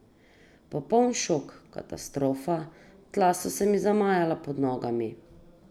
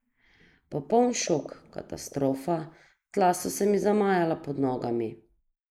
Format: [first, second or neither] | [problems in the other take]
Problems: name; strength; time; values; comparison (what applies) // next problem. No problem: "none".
first | noise reduction (neural mask model Resemble Enhance denoiser)